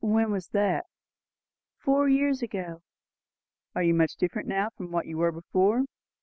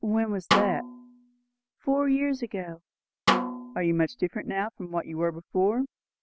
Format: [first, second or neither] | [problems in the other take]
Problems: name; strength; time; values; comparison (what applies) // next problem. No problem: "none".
first | background sound (Snare drum); 2 dB below the speech